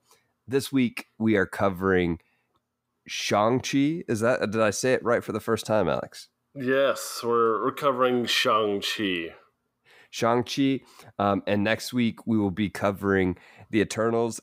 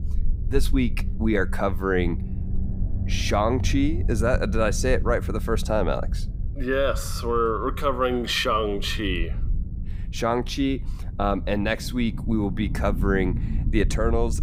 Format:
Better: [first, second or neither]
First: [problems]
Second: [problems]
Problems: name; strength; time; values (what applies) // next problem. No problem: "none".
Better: first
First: none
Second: low rumble; noticeable; throughout; 20 dB below the speech